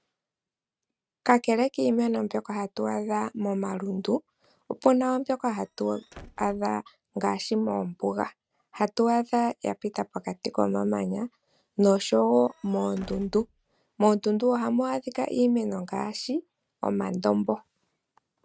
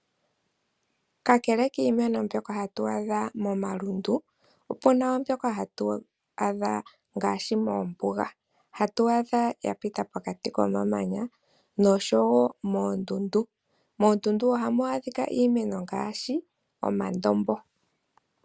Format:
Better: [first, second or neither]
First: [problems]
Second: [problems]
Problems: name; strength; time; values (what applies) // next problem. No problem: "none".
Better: second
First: noise reduction (neural mask model RNNoise)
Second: none